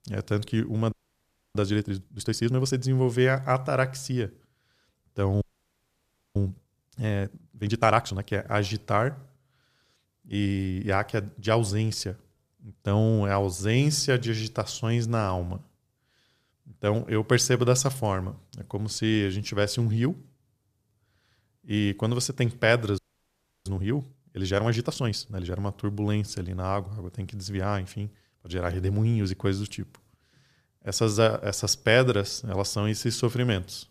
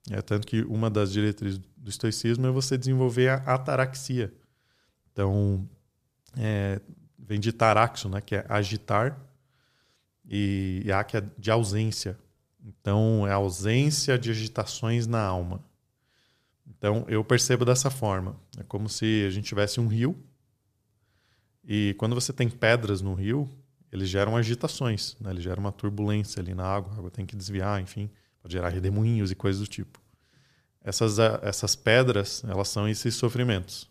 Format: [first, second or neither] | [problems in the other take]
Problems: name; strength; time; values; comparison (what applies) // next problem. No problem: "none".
second | audio freezing; at 1 s for 0.5 s, at 5.5 s for 1 s and at 23 s for 0.5 s